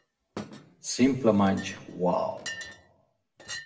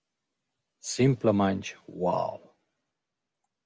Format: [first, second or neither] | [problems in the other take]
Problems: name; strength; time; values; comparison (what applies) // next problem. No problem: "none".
second | background sound (Chink, clink); 15 dB below the speech // room echo; dies away in 1.1 s